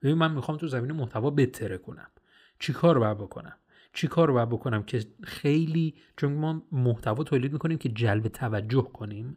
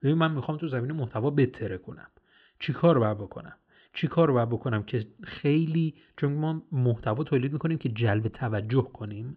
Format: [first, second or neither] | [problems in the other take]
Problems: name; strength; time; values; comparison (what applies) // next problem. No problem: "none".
first | muffled; slightly; fading above 3 kHz